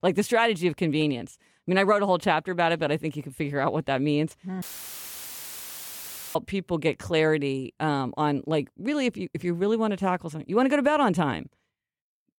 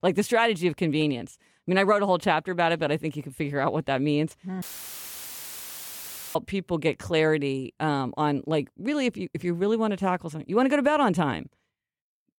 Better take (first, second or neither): neither